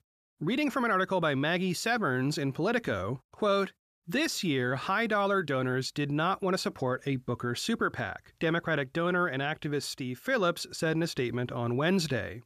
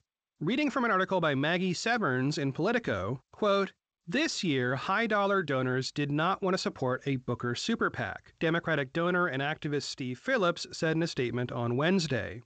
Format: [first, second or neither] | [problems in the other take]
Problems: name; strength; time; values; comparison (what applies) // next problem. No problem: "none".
first | garbled, watery; slightly; nothing above 7.5 kHz